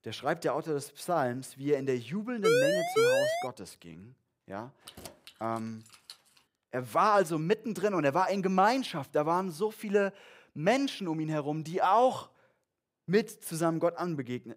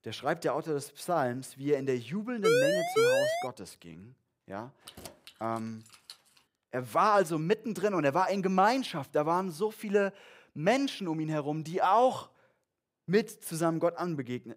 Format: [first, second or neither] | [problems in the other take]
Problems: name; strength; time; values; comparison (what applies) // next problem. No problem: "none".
neither | siren; loud; from 2.5 to 3.5 s; peak 5 dB above the speech; the same in both // jangling keys; faint; from 5 to 6.5 s; peak 15 dB below the speech; the same in both